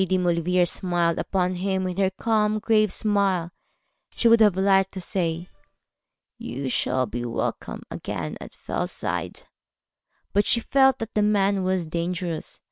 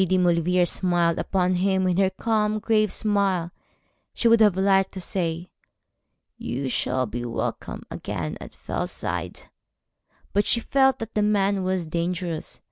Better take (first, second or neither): second